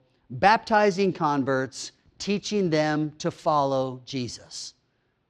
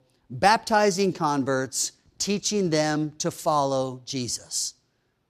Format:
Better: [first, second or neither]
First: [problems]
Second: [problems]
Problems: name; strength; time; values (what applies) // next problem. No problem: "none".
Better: second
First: muffled; very slightly; fading above 3 kHz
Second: none